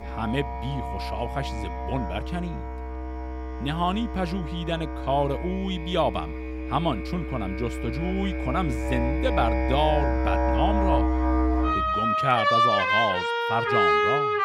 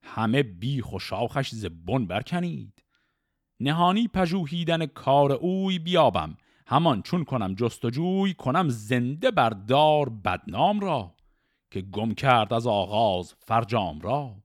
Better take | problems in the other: second | background music; very loud; throughout; 2 dB above the speech

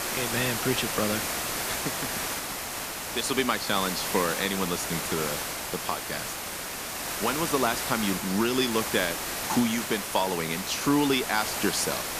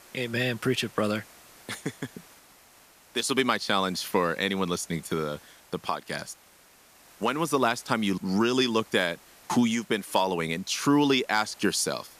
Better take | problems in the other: second | hiss; loud; throughout; 2 dB below the speech; faint in the second

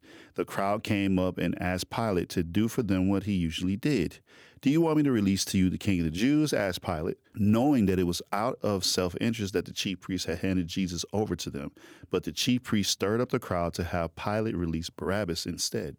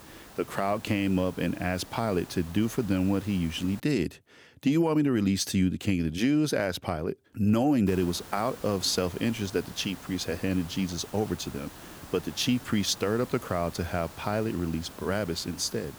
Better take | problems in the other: first | hiss; noticeable; until 4 s and from 8 s on; 15 dB below the speech

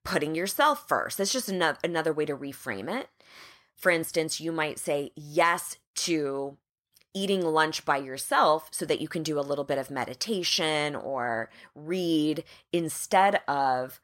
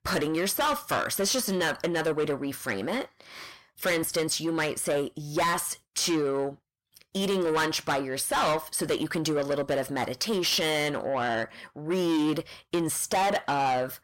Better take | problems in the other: first | distortion; heavy; 6 dB below the speech

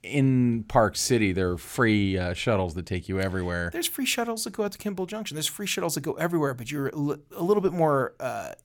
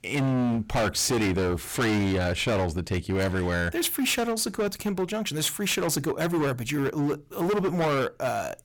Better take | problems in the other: first | distortion; heavy; 22% of the sound clipped

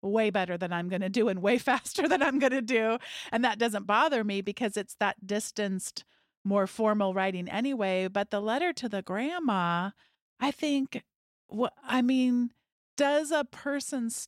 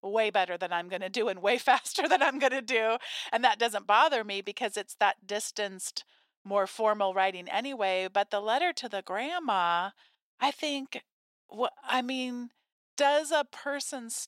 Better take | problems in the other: first | thin; somewhat; fading below 450 Hz

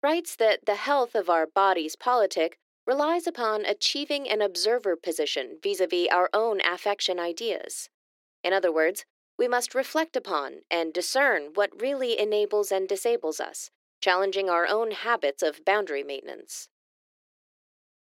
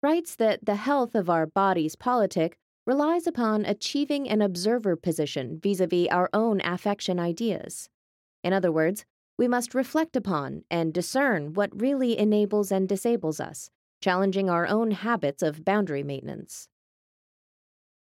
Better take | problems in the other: second | thin; very; fading below 350 Hz

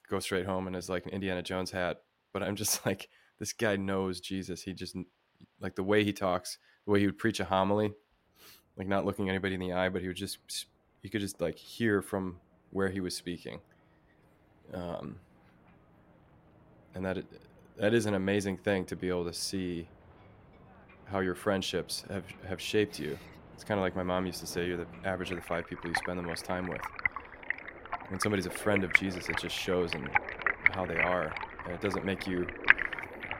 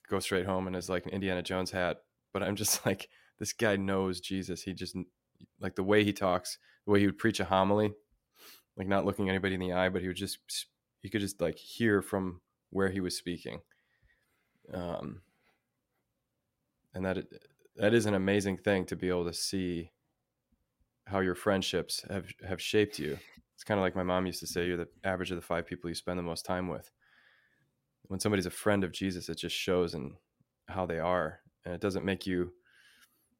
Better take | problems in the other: second | rain or running water; very loud; throughout; as loud as the speech

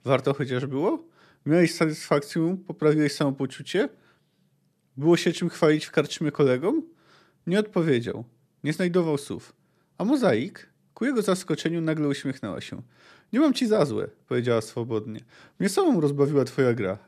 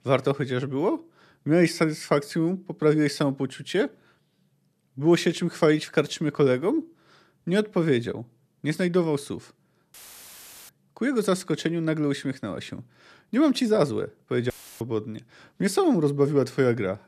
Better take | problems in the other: first | audio cutting out; filled with static; at 10 s for 1 s and at 15 s

